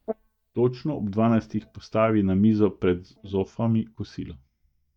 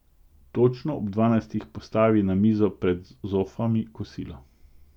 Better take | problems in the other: second | noise reduction (neural mask model DeepFilterNet 3)

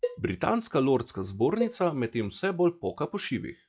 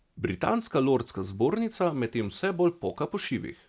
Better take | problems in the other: second | noise reduction (classical method log-MMSE)

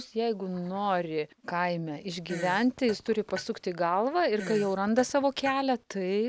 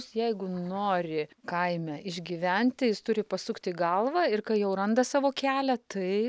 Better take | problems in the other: second | background sound (Fart); 14 dB below the speech

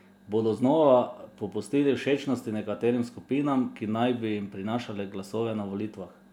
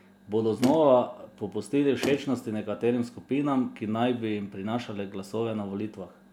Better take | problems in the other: first | background sound (Motor vehicle (road)); 11 dB below the speech

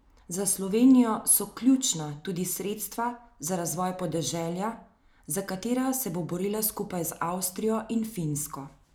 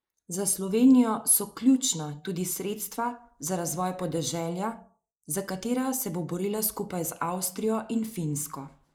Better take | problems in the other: first | noise reduction (neural mask model Resemble Enhance denoiser)

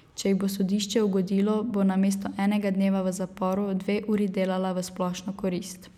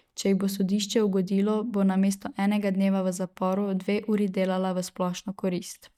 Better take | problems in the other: first | noise reduction (neural mask model DeepFilterNet 3)

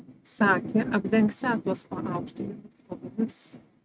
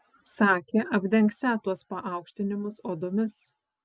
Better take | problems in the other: second | noise reduction (neural mask model RNNoise)

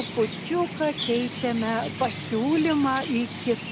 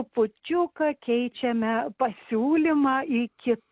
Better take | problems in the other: second | background sound (Chirp, tweet); 8 dB below the speech

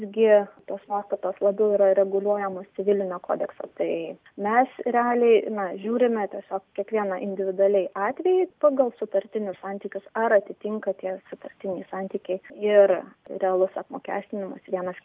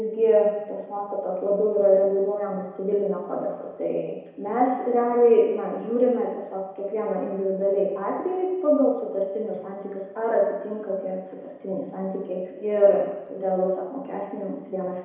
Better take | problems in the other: first | room echo; dies away in 1 s

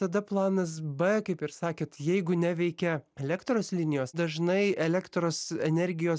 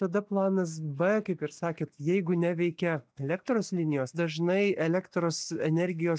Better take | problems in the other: first | noise reduction (neural mask model DeepFilterNet 3)

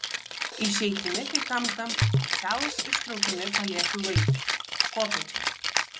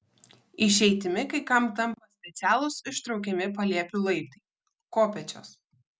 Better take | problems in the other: second | background sound (Rattle (instrument) + Hi-hat); 5 dB above the speech

